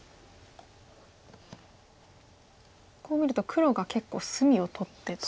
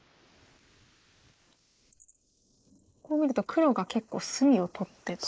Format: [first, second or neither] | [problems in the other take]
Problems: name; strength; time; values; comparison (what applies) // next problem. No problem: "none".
first | noise reduction (neural mask model Resemble Enhance denoiser)